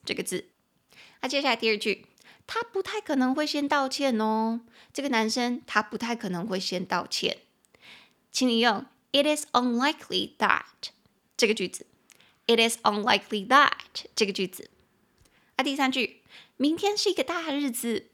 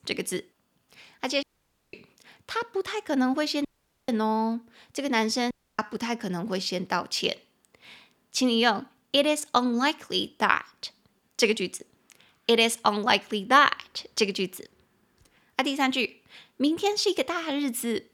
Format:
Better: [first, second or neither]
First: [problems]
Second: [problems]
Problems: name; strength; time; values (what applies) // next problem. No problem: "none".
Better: first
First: none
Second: audio cutting out; at 1.5 s for 0.5 s, at 3.5 s and at 5.5 s